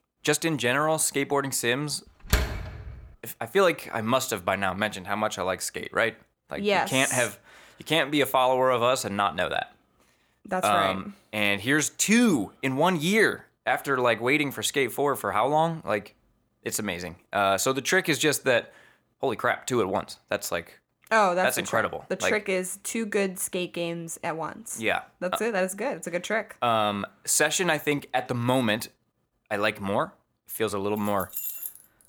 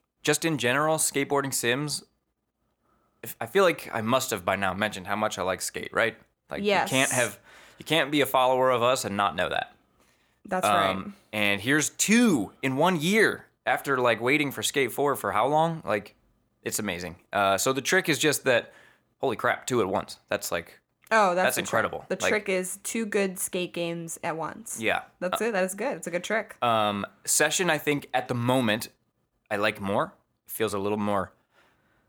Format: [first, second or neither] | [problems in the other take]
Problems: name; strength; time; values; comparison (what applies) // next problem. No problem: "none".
second | door banging; noticeable; at 2.5 s; peak 2 dB below the speech // jangling keys; noticeable; at 31 s; peak 5 dB below the speech